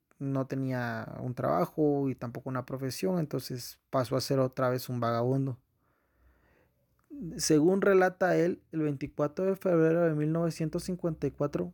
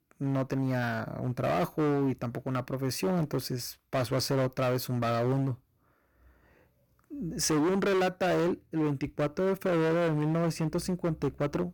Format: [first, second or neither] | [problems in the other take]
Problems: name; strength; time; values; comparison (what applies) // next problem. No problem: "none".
first | distortion; heavy; 17% of the sound clipped